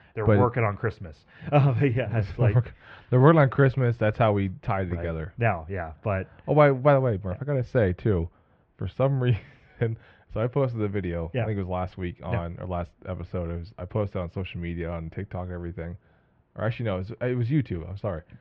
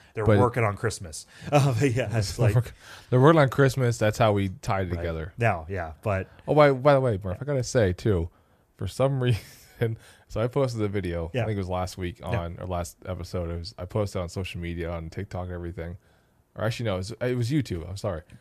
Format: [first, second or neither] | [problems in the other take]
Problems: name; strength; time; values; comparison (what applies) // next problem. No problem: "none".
second | muffled; very; fading above 3 kHz